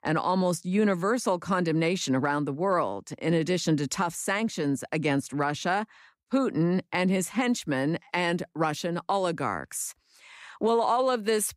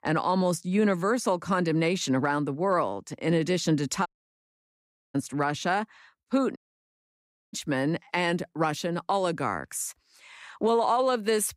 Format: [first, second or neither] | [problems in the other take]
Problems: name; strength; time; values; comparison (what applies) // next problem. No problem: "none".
first | audio cutting out; at 4 s for 1 s and at 6.5 s for 1 s